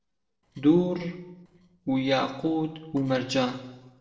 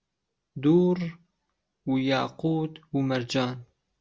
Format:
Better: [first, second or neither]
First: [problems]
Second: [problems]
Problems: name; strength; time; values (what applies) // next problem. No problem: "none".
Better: second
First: noise reduction (neural separator model SepFormer DNS4)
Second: none